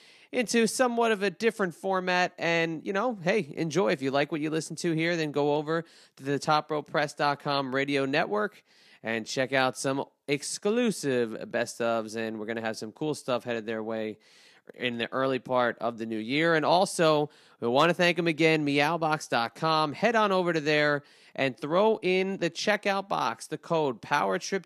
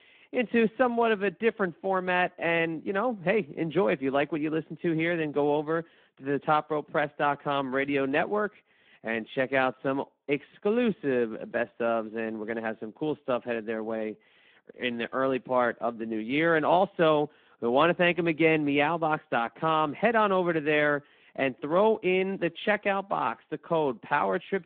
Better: first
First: none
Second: phone-call audio

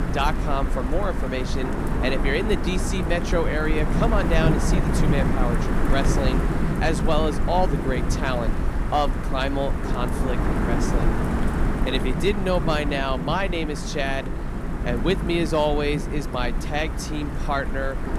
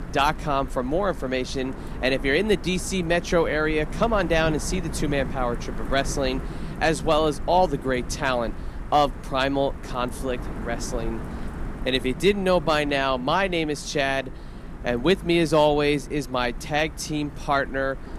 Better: second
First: wind noise on the microphone; heavy; 4 dB below the speech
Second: wind noise on the microphone; occasional gusts; 15 dB below the speech

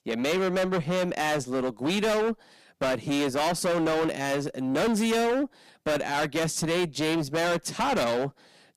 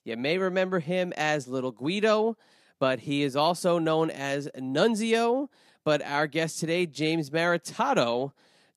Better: second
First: distortion; heavy; 27% of the sound clipped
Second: none

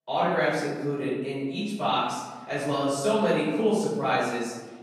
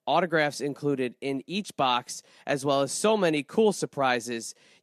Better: second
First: room echo; strong; dies away in 1.2 s // off-mic speech; far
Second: none

